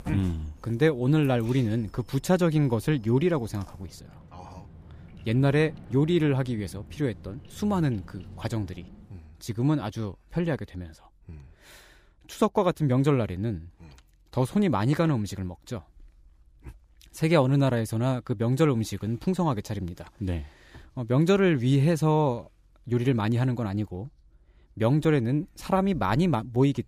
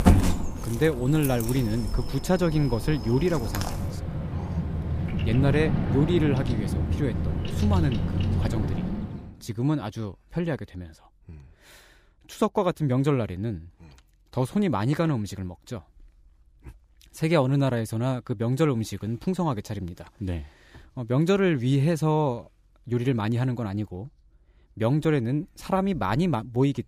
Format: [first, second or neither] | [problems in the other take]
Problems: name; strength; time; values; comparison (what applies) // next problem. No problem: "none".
first | animal sounds; loud; until 9 s; 3 dB below the speech; faint in the first